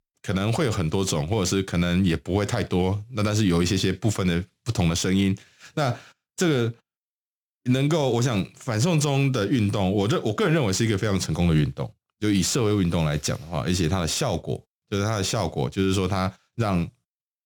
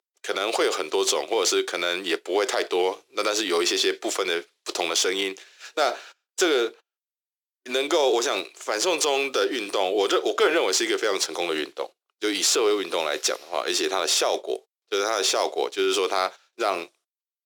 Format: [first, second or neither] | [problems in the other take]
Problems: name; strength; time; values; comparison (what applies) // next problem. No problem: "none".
first | thin; very; fading below 350 Hz